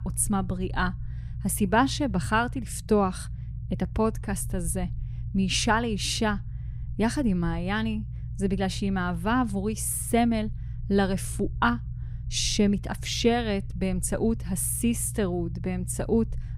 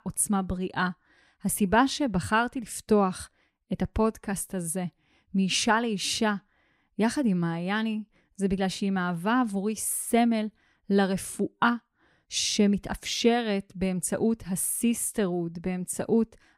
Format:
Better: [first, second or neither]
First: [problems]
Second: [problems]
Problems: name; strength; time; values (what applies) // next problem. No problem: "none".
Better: second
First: low rumble; faint; throughout; 20 dB below the speech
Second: none